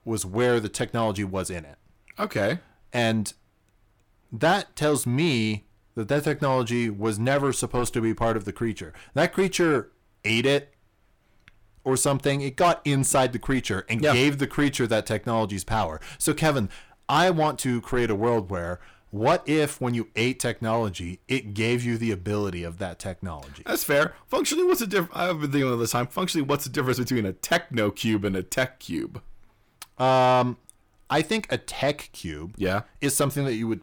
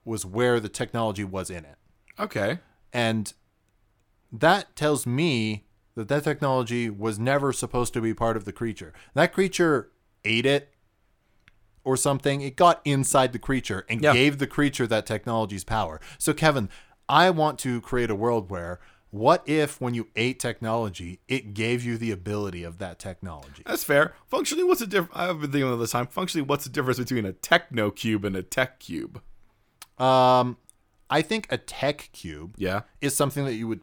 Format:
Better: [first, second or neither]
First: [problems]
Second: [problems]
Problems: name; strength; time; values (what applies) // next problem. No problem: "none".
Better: second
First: distortion; slight; 10 dB below the speech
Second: none